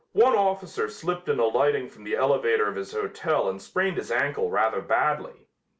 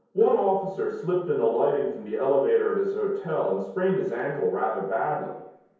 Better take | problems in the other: first | room echo; dies away in 0.9 s

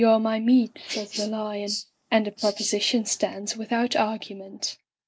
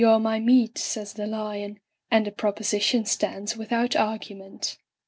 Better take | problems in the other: second | noise reduction (neural mask model Resemble Enhance denoiser)

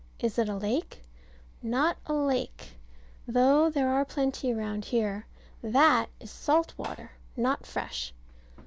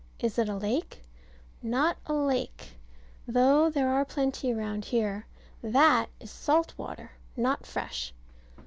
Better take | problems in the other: second | background sound (Tap); 14 dB below the speech

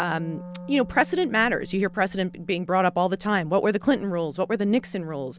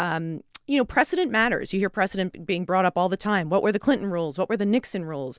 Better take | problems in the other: second | background sound (Wind instrument, woodwind instrument); 18 dB below the speech

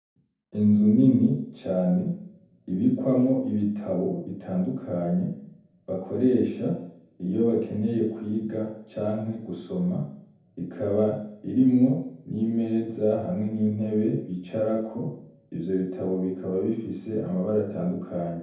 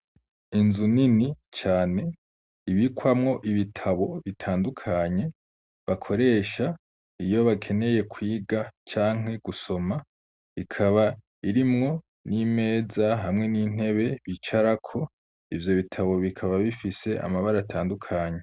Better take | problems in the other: second | room echo; dies away in 0.7 s

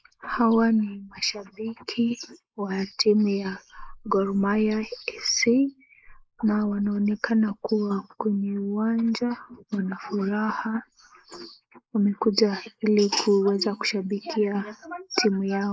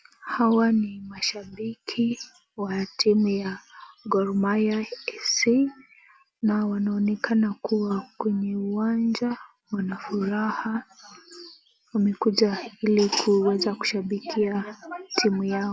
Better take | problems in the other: second | noise reduction (neural mask model Resemble Enhance denoiser)

